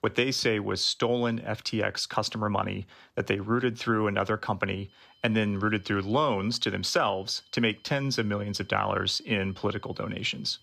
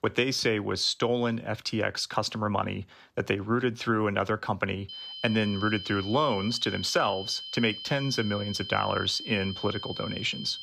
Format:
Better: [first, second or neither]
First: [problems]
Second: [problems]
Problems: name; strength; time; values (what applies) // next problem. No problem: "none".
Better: first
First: high-pitched whine; faint; from 5 s on; 3 kHz, 30 dB below the speech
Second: high-pitched whine; loud; from 5 s on; 3 kHz, 9 dB below the speech